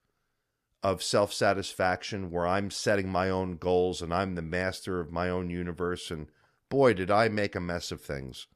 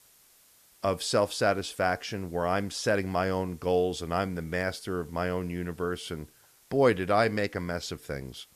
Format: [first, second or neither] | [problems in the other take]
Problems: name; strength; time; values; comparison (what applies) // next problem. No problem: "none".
first | hiss; faint; throughout; 30 dB below the speech